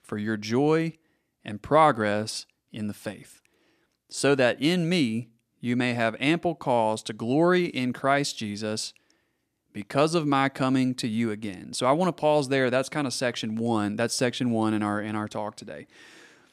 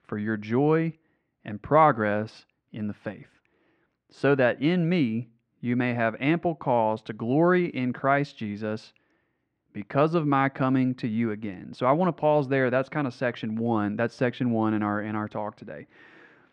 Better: first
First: none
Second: muffled; very; fading above 2 kHz

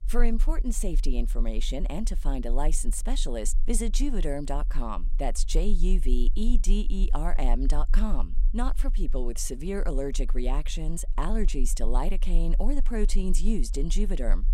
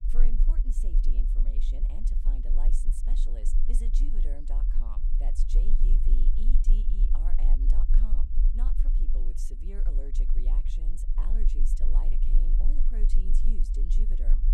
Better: first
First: low rumble; faint; throughout; 25 dB below the speech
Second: low rumble; loud; throughout; 4 dB below the speech

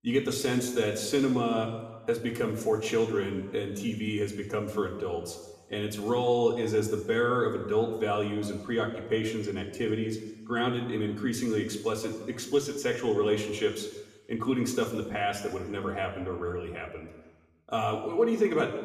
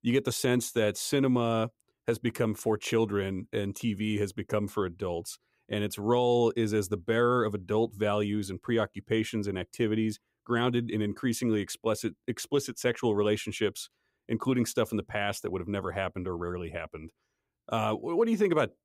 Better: second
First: room echo; slight; dies away in 1.1 s // off-mic speech; somewhat distant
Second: none

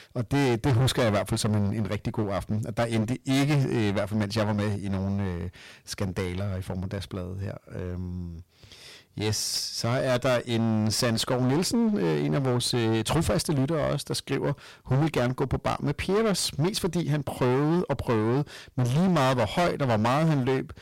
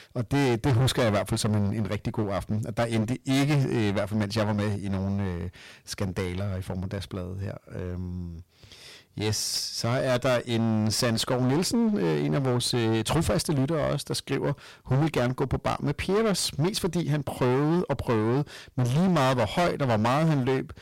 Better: neither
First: distortion; heavy; 19% of the sound clipped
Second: distortion; heavy; 19% of the sound clipped

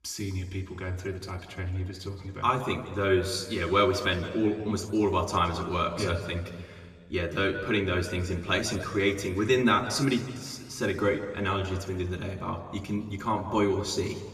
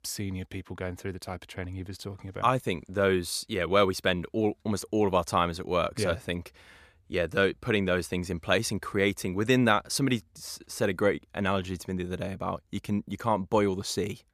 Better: second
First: room echo; slight; dies away in 1.7 s // off-mic speech; somewhat distant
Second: none

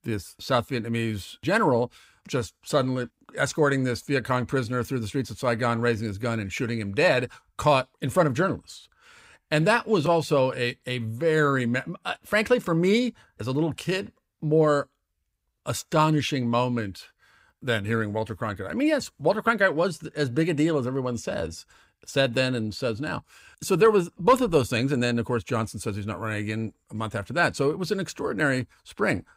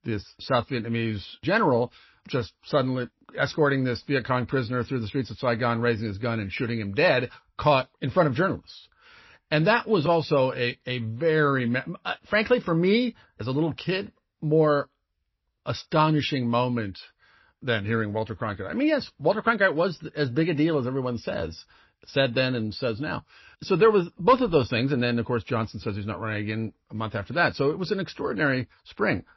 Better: first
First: none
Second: garbled, watery; slightly; nothing above 5.5 kHz

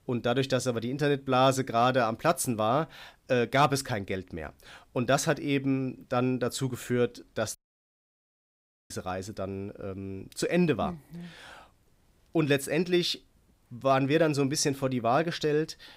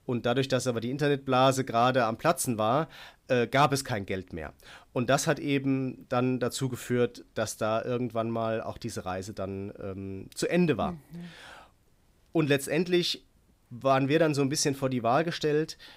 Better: second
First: audio cutting out; at 7.5 s for 1.5 s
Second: none

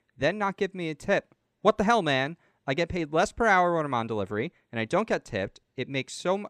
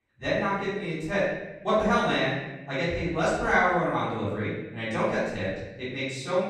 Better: first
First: none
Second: off-mic speech; far // room echo; strong; dies away in 0.9 s

